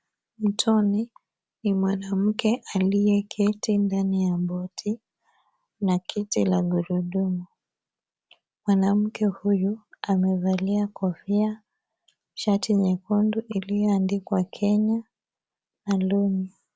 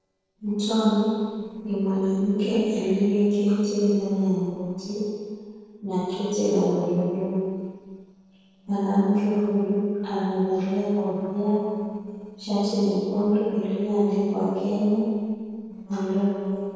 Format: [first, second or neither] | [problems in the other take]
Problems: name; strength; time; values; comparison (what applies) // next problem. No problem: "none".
first | noise reduction (neural separator model SepFormer DNS4)